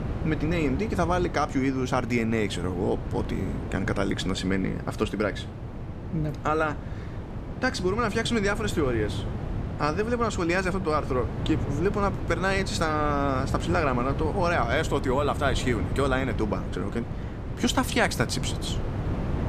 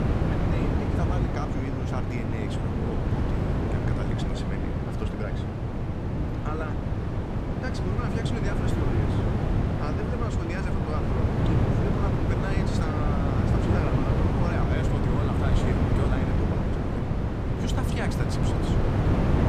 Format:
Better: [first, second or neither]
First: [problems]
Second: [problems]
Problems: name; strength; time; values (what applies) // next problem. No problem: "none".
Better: first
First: wind noise on the microphone; occasional gusts; 10 dB below the speech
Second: wind noise on the microphone; heavy; 4 dB above the speech